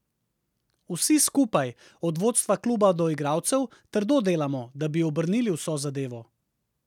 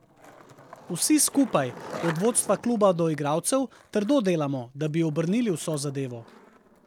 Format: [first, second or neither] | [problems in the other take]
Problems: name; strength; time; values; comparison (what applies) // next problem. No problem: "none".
first | background sound (Skateboard); 18 dB below the speech